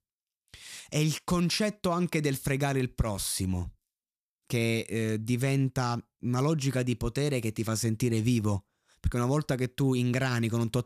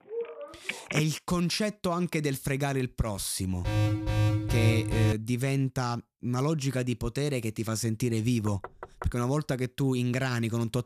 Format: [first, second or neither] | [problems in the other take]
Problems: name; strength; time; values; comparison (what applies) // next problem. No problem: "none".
first | phone ringing; noticeable; at the start; peak 3 dB below the speech // alarm; loud; from 3.5 to 5 s; peak 3 dB above the speech // door banging; faint; at 8.5 s; peak 15 dB below the speech